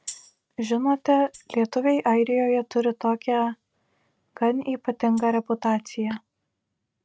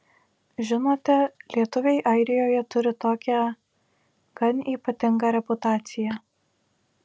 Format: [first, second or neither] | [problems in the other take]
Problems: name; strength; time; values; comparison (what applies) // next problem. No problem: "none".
second | noise reduction (neural mask model RNNoise)